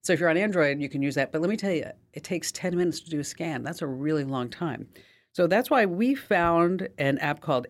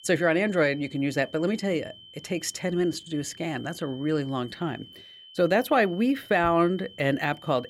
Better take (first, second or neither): first